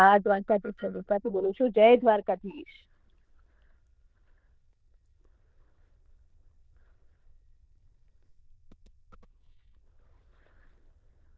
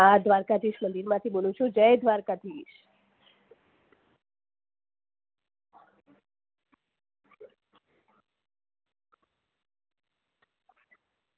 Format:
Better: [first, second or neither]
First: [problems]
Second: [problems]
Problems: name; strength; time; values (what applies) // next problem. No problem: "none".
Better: second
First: noise reduction (neural diffusion model UNIVERSE++)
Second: none